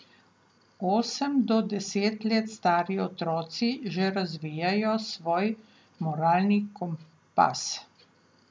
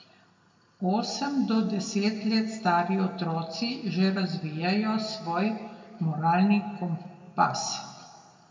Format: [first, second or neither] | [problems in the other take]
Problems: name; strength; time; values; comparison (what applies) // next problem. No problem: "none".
first | room echo; dies away in 1.8 s